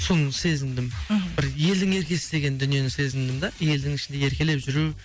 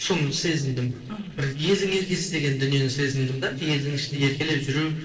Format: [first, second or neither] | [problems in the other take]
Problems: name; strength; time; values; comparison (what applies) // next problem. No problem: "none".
first | noise reduction (neural separator model SepFormer DNS4)